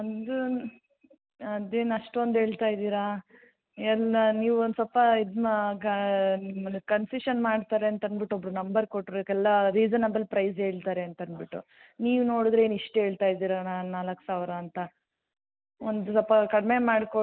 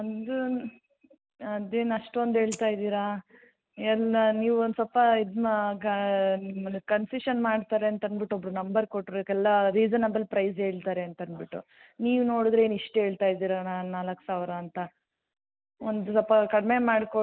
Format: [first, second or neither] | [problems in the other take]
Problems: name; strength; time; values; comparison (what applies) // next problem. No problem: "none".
first | background sound (Rattle (instrument)); 16 dB below the speech